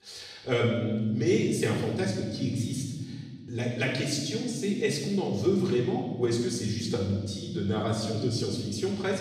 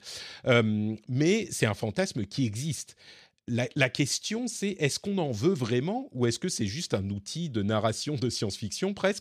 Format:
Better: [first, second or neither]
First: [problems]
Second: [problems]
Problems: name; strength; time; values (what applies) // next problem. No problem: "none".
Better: second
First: off-mic speech; far // room echo; noticeable; dies away in 1.6 s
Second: none